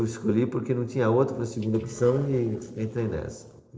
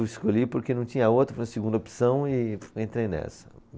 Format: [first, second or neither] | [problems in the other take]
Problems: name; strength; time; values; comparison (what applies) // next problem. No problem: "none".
second | noise reduction (neural separator model SepFormer DNS4)